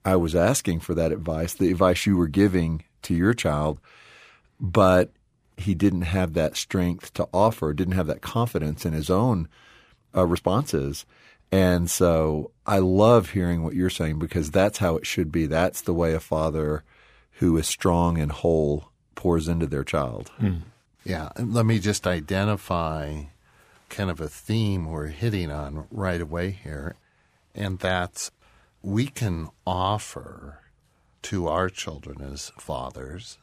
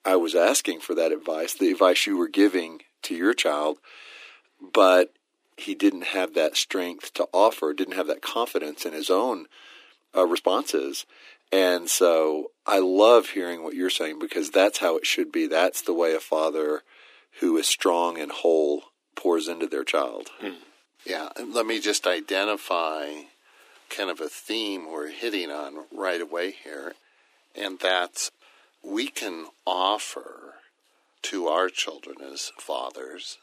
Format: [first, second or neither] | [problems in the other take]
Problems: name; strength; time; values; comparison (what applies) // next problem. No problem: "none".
first | thin; somewhat; fading below 300 Hz